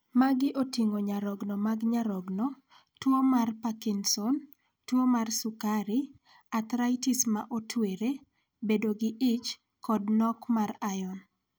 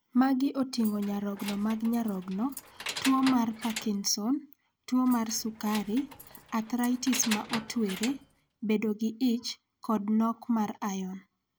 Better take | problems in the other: first | background sound (Keys jangling); 12 dB below the speech

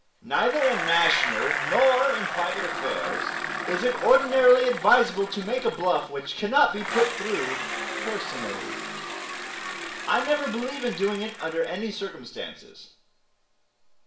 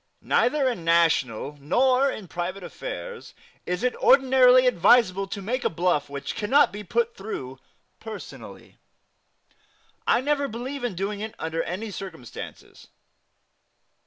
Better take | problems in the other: second | background sound (Bicycle); 6 dB below the speech // room echo; dies away in 0.5 s

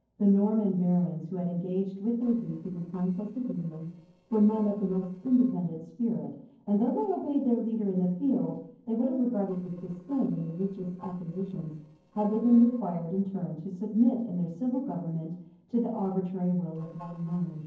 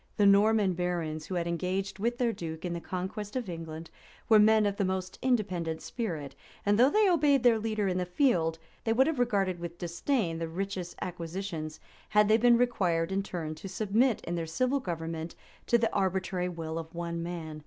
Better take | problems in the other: second | noise reduction (neural separator model SepFormer DNS4)

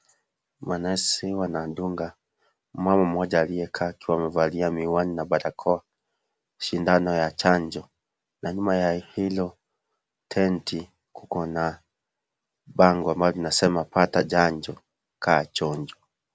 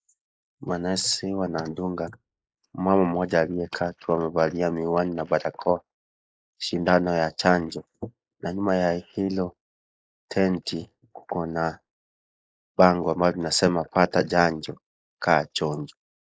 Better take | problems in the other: first | noise reduction (neural mask model Resemble Enhance denoiser)

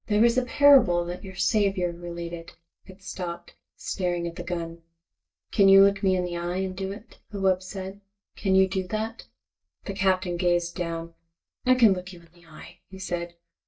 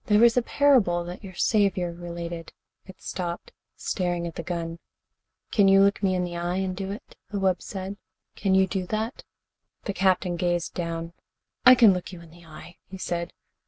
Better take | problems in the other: second | noise reduction (neural mask model DeepFilterNet 3)

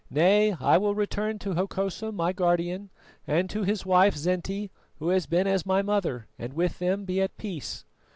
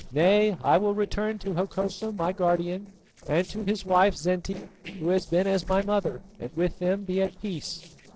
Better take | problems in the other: first | noise reduction (neural separator model SepFormer DNS4)

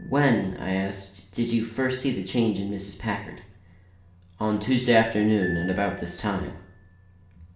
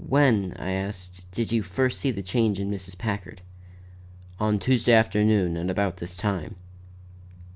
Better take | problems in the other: second | background sound (Piano); 20 dB below the speech // room echo; dies away in 0.6 s

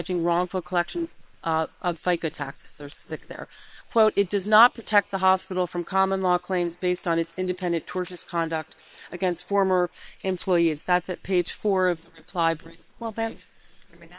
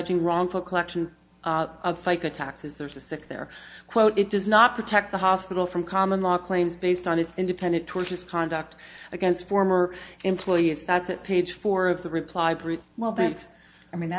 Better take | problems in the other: second | noise reduction (neural separator model SepFormer WHAM!)

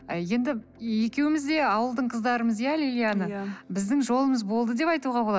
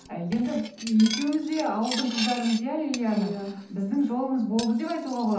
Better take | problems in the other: first | background sound (Cutlery, silverware); 12 dB below the speech // room echo; dies away in 0.6 s

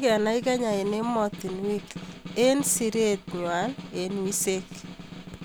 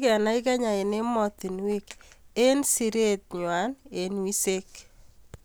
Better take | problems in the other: second | background sound (Snare drum); 13 dB below the speech

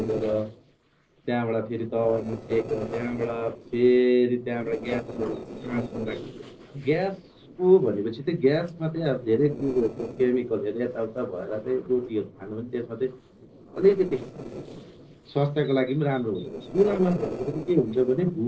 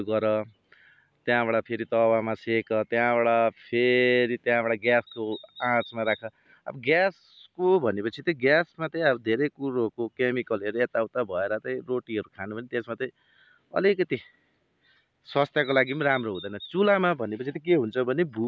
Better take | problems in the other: second | noise reduction (neural separator model SepFormer DNS4)

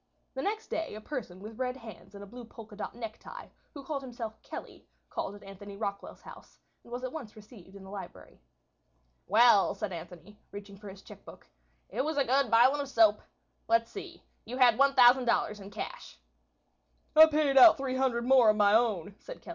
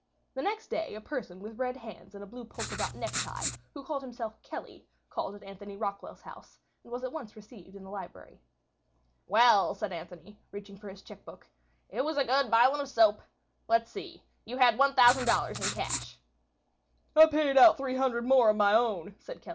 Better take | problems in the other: first | background sound (Writing); 6 dB below the speech

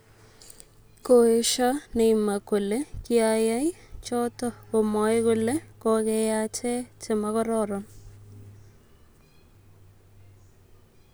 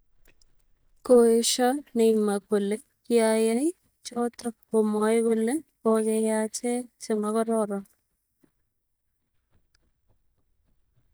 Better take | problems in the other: first | noise reduction (neural mask model DeepFilterNet 3)

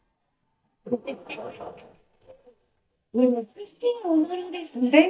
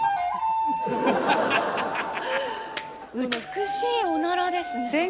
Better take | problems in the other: second | noise reduction (neural mask model DeepFilterNet 3)

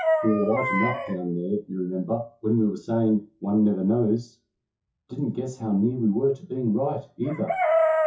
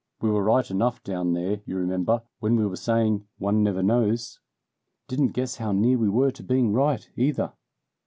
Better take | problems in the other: second | noise reduction (classical method WPE with log-MMSE)

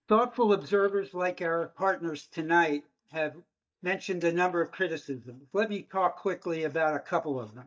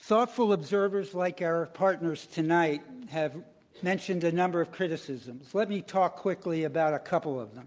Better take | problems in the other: second | noise reduction (neural mask model DeepFilterNet 3)

